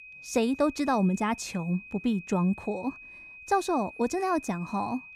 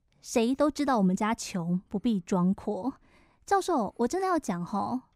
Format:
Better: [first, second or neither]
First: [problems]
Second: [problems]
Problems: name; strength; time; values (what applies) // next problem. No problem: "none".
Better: second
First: high-pitched whine; noticeable; throughout; 2.5 kHz, 15 dB below the speech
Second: none